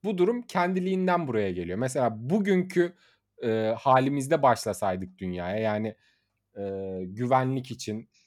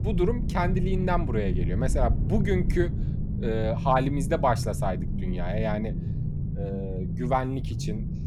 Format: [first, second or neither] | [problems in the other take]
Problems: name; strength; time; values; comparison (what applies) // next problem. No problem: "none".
first | low rumble; noticeable; throughout; 10 dB below the speech